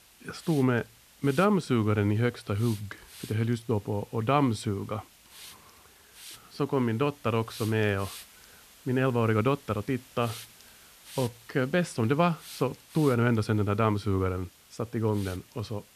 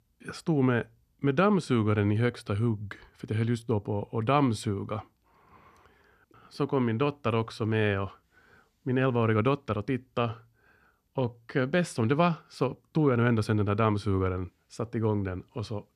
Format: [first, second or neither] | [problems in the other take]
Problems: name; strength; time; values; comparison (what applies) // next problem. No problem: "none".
second | hiss; noticeable; throughout; 20 dB below the speech